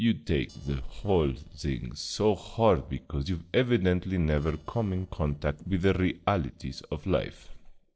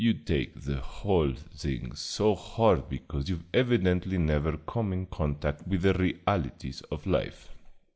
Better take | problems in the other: second | noise reduction (neural separator model SepFormer DNS4)

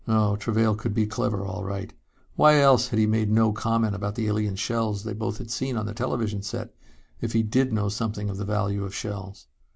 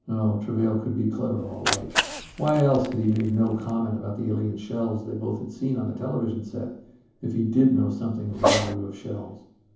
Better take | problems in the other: first | background sound (Cat); 7 dB below the speech // room echo; dies away in 0.7 s

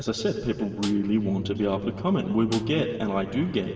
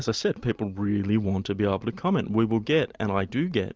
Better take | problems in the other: second | background sound (Snare drum); 19 dB below the speech // room echo; dies away in 2.8 s

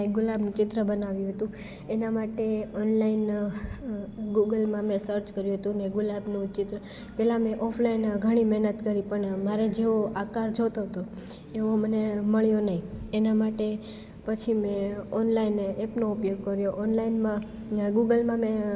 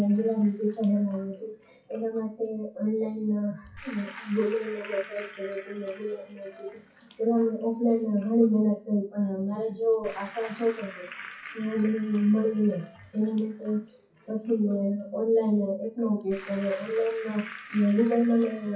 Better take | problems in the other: first | noise reduction (classical method WPE with log-MMSE)

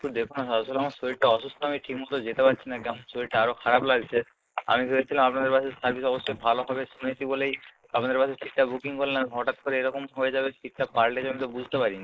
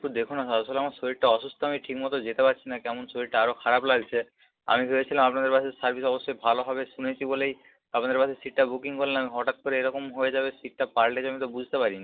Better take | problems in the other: second | noise reduction (neural mask model Resemble Enhance denoiser)

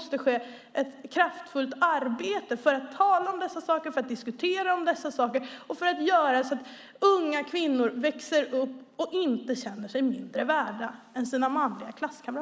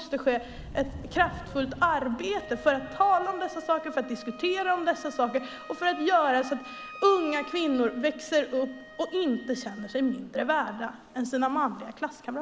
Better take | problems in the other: first | background sound (Subway, metro, underground + Wind instrument, woodwind instrument); 16 dB below the speech

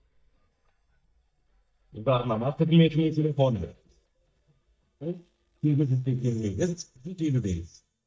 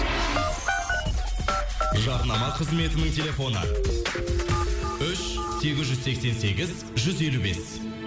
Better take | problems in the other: second | noise reduction (neural mask model DeepFilterNet 3)

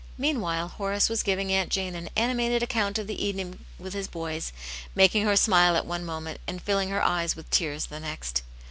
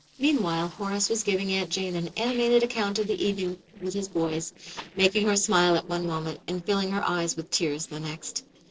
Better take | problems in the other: first | noise reduction (neural separator model SepFormer DNS4)

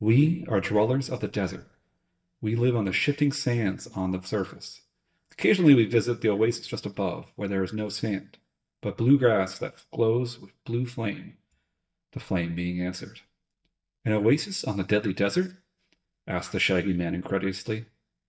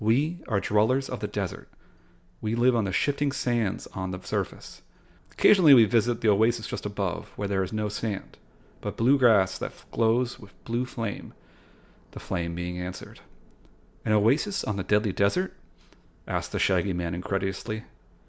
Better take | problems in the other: second | noise reduction (neural mask model DeepFilterNet 3)

